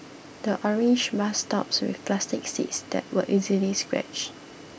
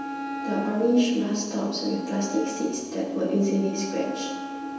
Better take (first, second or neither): first